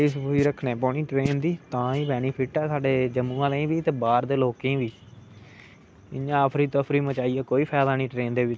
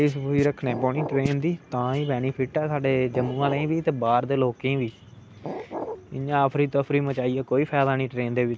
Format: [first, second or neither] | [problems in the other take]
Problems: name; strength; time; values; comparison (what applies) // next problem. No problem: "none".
first | background sound (Glass); 11 dB below the speech